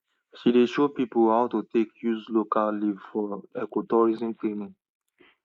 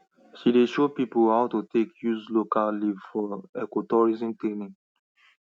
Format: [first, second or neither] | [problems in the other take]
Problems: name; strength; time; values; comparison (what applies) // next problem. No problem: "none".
second | noise reduction (neural mask model Resemble Enhance denoiser)